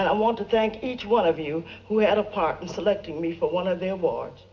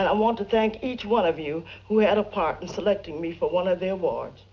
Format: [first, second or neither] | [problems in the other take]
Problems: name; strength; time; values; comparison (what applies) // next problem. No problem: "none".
second | room echo; dies away in 2.4 s